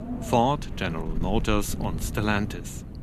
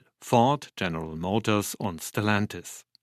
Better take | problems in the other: second | wind noise on the microphone; occasional gusts; 15 dB below the speech

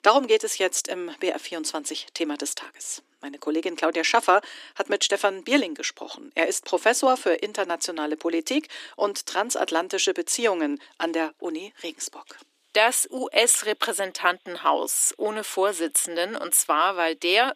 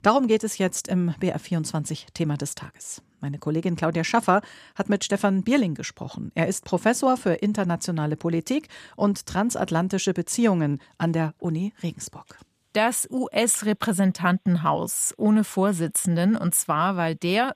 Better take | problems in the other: second | thin; somewhat; fading below 300 Hz

